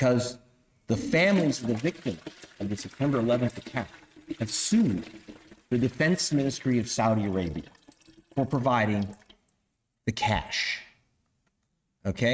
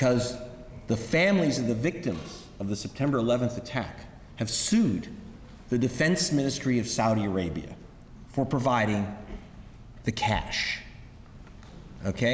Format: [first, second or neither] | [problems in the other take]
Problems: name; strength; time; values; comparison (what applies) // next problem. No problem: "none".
second | noise reduction (neural mask model RNNoise)